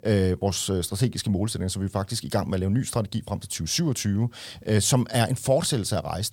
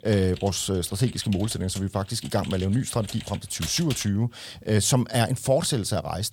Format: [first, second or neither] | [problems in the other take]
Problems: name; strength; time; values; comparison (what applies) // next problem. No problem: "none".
first | keyboard typing; noticeable; until 4 s; peak 8 dB below the speech